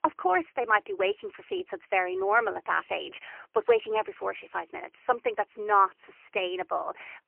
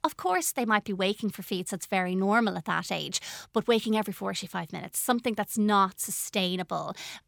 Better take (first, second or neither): second